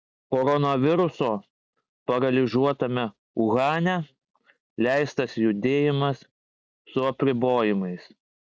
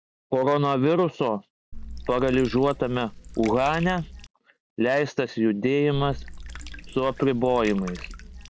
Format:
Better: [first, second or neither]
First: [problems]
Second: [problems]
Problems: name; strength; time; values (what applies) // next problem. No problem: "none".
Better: first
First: none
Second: background sound (Water / Liquid); 13 dB below the speech